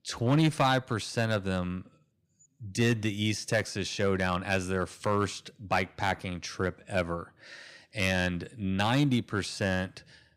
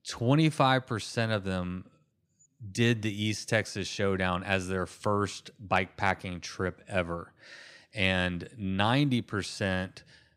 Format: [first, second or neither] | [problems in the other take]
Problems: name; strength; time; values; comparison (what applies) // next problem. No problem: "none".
second | distortion; slight; 1.7% of the sound clipped